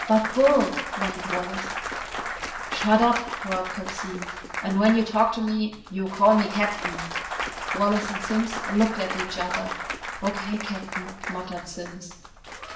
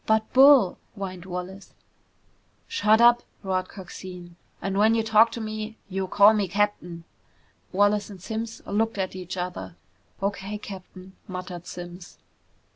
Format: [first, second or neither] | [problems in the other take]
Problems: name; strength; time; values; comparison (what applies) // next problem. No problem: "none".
second | background sound (Applause / Cheering / Clapping); 7 dB below the speech // room echo; dies away in 0.8 s